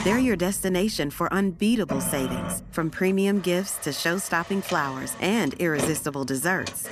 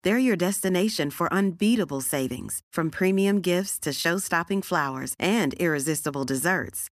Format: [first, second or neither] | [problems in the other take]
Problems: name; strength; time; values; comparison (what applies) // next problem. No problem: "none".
second | household noises; noticeable; throughout; 10 dB below the speech